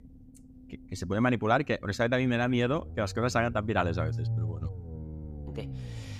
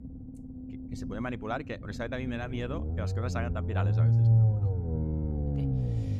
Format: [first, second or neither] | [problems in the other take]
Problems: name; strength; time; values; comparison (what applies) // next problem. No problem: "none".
first | low rumble; loud; throughout; 4 dB below the speech; faint in the first